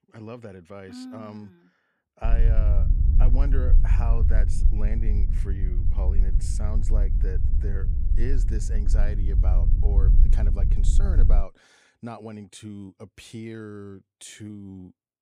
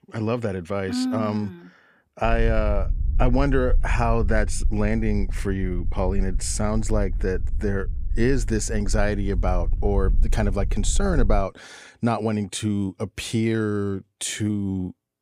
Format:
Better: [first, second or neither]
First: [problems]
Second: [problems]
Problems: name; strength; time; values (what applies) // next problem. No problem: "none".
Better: second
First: low rumble; loud; from 2 to 11 s; 4 dB below the speech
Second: low rumble; faint; from 2 to 11 s; 20 dB below the speech